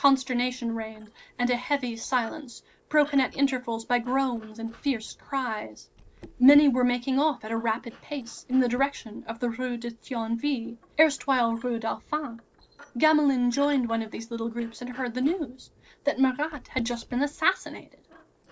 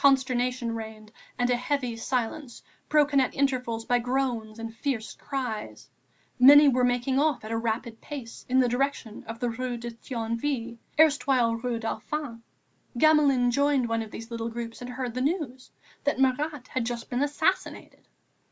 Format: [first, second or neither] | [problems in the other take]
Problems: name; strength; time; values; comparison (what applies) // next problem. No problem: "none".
second | noise reduction (neural separator model SepFormer DNS4)